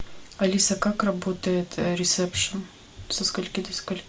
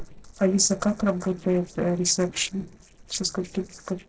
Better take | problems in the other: first | noise reduction (neural separator model SepFormer DNS4)

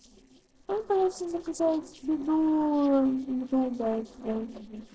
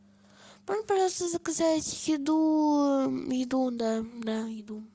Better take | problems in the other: second | noise reduction (neural separator model SepFormer DNS4)

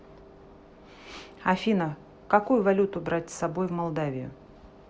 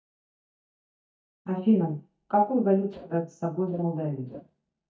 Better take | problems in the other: first | noise reduction (neural mask model DeepFilterNet 3)

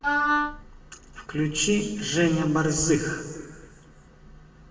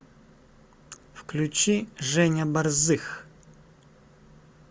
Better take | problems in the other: second | background sound (Wind instrument, woodwind instrument); 1 dB above the speech // room echo; dies away in 1.7 s

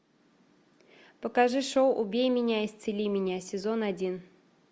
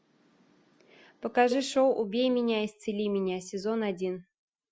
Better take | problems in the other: first | noise reduction (classical method Wiener filter)

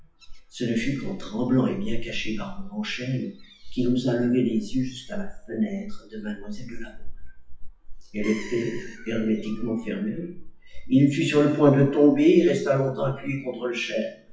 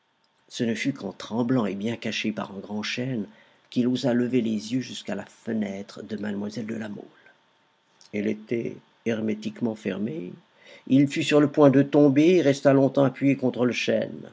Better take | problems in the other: second | noise reduction (classical method WPE with log-MMSE)

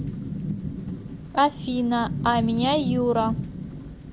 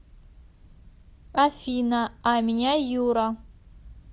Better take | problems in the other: second | background sound (Rain / Thunderstorm); 5 dB below the speech

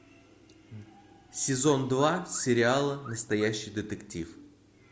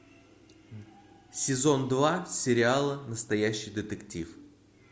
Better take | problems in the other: second | background sound (Alarm / Car); 20 dB below the speech

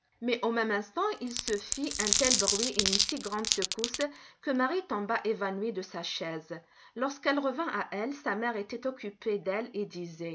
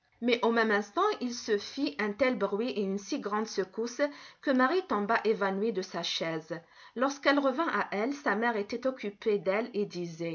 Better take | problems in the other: second | background sound (Glass); 2 dB above the speech

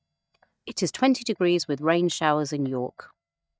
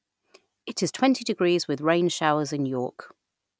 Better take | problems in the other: second | noise reduction (neural mask model DeepFilterNet 3)

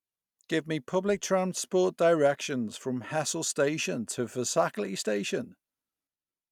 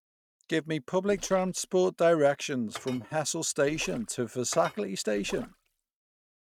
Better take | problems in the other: first | noise reduction (neural mask model RNNoise)

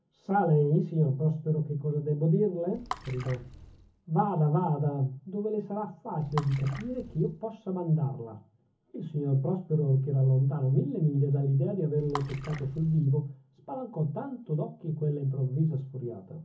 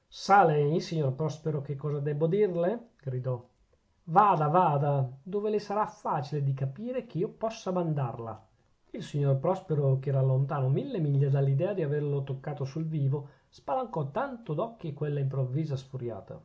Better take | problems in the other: second | background sound (Water / Splash, splatter); 15 dB below the speech // room echo; dies away in 0.3 s

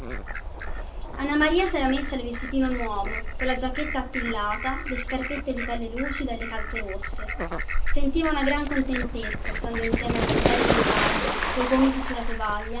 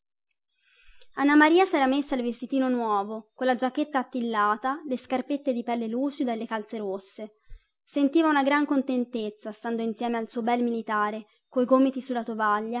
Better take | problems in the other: second | background sound (Fowl); 2 dB above the speech // room echo; dies away in 0.3 s

